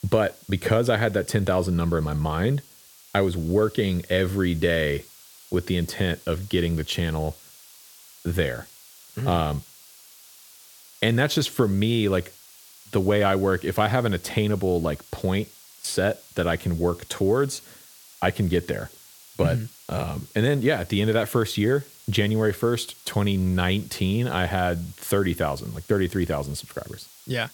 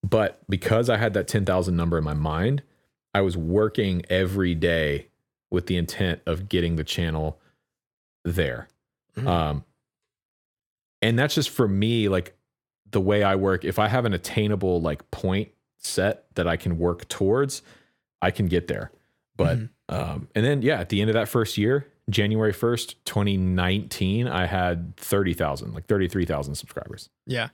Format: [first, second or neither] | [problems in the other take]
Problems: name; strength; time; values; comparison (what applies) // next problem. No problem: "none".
second | hiss; faint; throughout; 20 dB below the speech